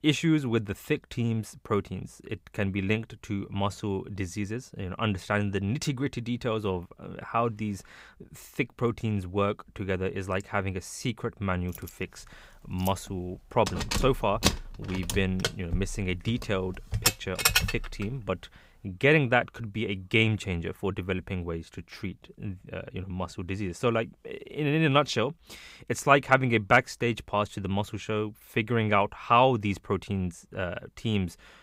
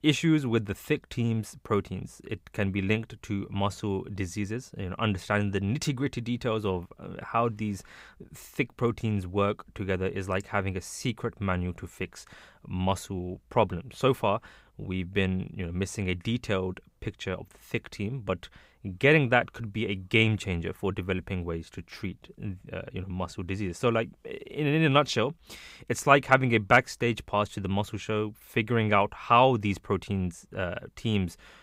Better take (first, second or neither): second